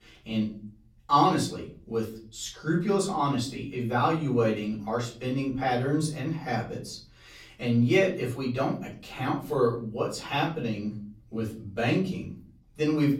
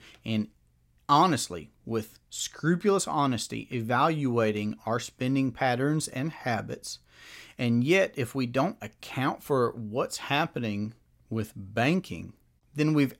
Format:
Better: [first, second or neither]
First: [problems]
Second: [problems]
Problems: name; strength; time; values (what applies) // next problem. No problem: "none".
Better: second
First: off-mic speech; far // room echo; slight; dies away in 0.5 s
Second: none